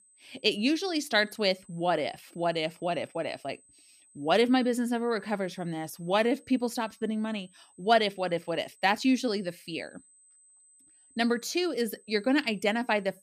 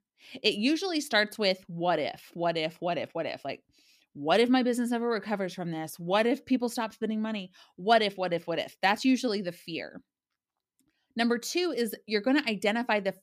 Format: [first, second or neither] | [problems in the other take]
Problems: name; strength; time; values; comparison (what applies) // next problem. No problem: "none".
second | high-pitched whine; faint; throughout; 8 kHz, 30 dB below the speech